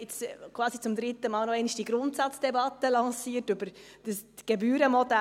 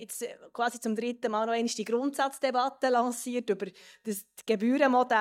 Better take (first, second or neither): first